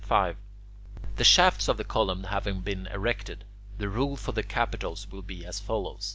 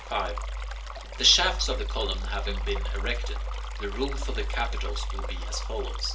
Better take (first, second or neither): first